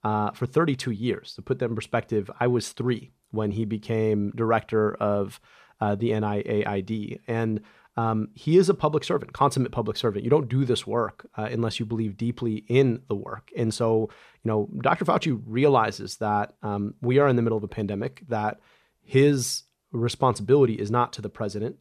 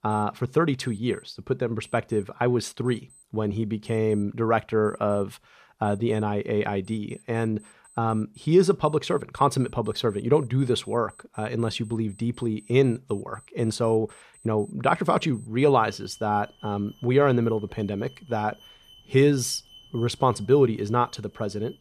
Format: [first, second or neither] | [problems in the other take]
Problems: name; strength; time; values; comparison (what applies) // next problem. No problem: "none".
first | alarms or sirens; faint; throughout; 30 dB below the speech